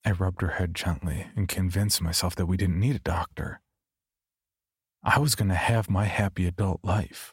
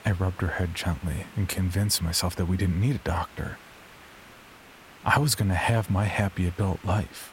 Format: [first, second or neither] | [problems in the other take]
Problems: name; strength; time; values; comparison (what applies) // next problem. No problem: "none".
first | hiss; faint; throughout; 20 dB below the speech